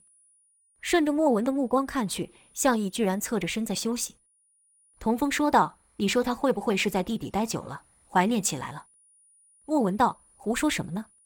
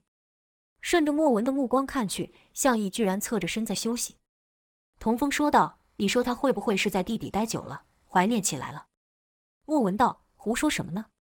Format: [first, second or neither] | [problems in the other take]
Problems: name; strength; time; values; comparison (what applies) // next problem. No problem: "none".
second | high-pitched whine; faint; throughout; 9.5 kHz, 35 dB below the speech